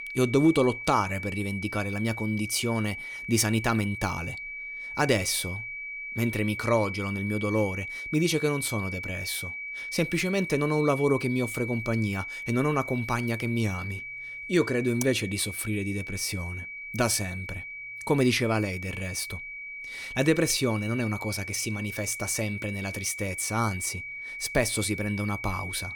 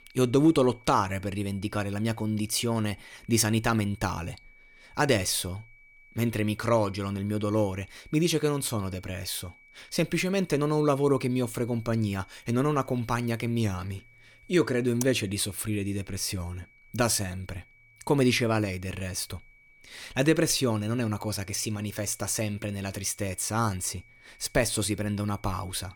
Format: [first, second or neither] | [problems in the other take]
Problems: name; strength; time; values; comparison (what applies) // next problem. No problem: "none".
second | high-pitched whine; loud; throughout; 2.5 kHz, 8 dB below the speech; faint in the second